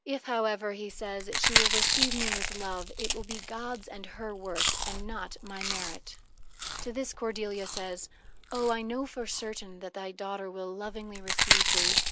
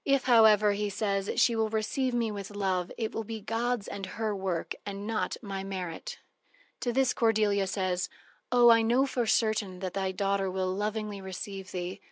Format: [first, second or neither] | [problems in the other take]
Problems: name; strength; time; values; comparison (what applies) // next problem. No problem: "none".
second | background sound (Chewing, mastication); 4 dB above the speech